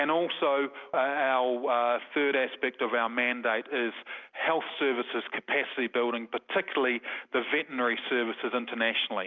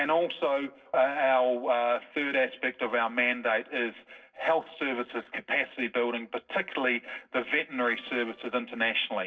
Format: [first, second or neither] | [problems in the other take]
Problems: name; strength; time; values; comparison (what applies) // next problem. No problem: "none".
first | noise reduction (neural separator model SepFormer DNS4)